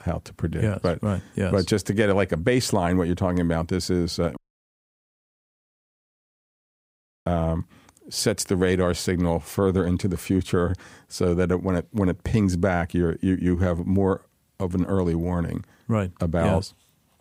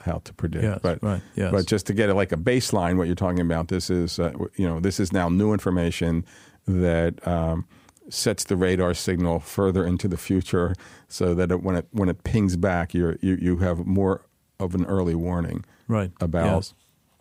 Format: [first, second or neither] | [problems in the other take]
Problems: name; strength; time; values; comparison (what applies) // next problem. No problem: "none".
second | audio cutting out; at 4.5 s for 3 s